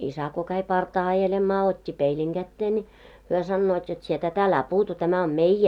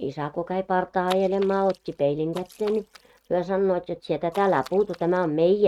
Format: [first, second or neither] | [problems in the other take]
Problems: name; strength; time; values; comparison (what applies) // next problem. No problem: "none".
first | noise reduction (neural mask model RNNoise)